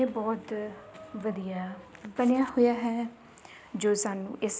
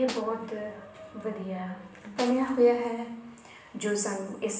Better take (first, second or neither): first